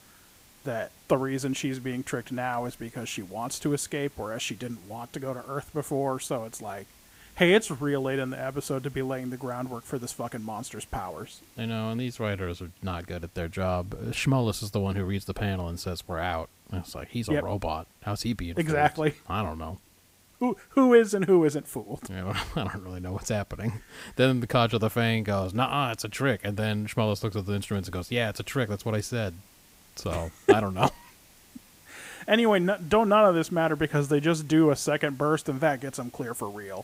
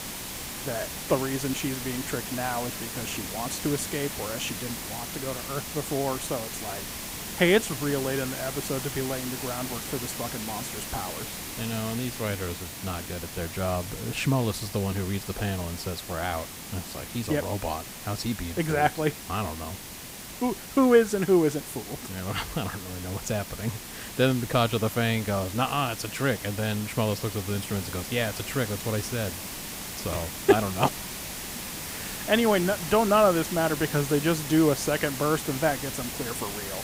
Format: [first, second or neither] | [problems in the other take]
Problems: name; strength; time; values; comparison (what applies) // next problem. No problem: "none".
first | hiss; loud; throughout; 7 dB below the speech; faint in the first